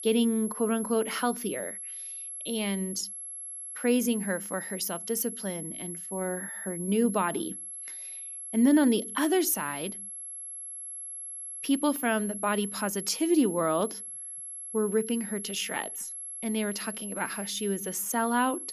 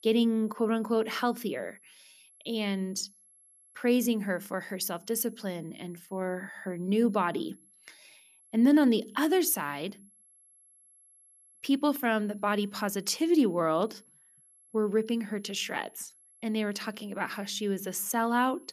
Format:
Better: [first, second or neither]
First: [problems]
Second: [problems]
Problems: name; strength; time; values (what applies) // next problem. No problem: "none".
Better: second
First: high-pitched whine; loud; throughout; 11 kHz, 8 dB below the speech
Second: high-pitched whine; faint; throughout; 11 kHz, 30 dB below the speech